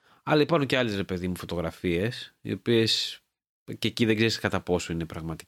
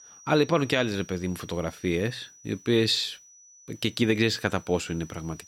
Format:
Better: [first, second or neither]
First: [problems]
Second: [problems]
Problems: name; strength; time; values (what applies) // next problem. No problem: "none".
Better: first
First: none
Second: high-pitched whine; faint; throughout; 6 kHz, 25 dB below the speech